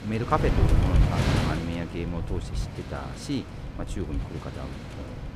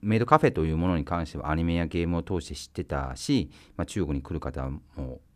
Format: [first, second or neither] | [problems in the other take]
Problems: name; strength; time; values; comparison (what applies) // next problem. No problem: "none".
second | wind noise on the microphone; heavy; 2 dB below the speech